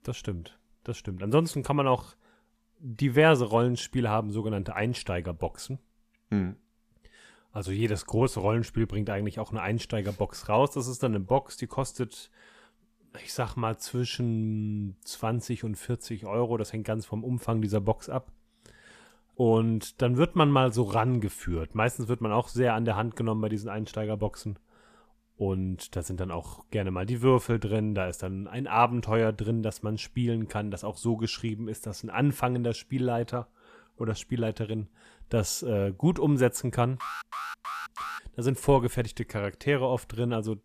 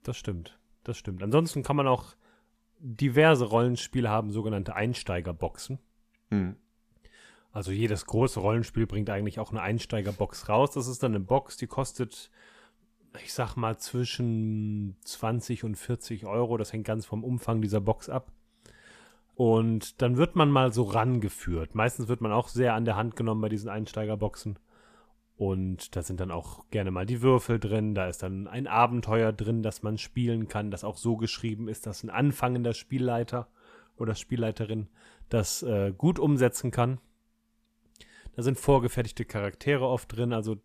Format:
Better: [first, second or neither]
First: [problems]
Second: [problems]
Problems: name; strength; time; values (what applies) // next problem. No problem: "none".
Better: second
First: alarm; noticeable; from 37 to 38 s; peak 7 dB below the speech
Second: none